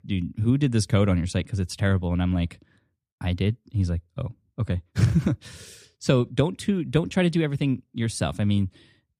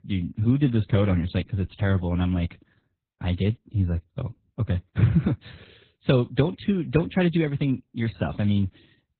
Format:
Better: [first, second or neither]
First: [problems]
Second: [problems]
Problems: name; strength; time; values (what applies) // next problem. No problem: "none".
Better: first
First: none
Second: garbled, watery; badly; nothing above 4 kHz